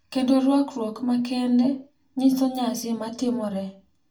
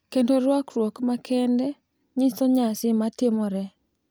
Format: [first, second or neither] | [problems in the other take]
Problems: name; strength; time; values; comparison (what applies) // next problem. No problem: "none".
second | room echo; dies away in 0.3 s